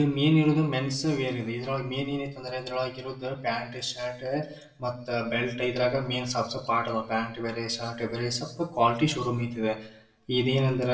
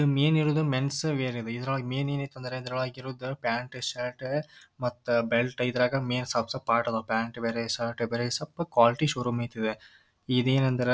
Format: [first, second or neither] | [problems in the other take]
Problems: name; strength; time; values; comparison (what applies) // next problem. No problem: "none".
second | room echo; dies away in 0.7 s